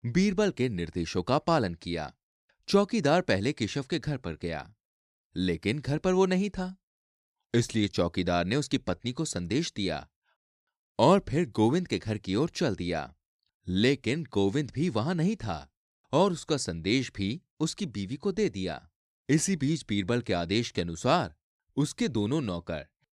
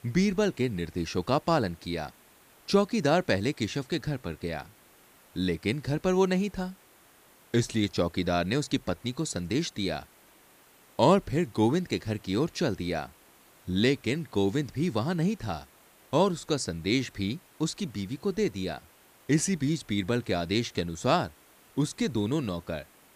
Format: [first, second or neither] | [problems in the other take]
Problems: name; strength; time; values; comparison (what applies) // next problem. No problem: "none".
first | hiss; faint; throughout; 25 dB below the speech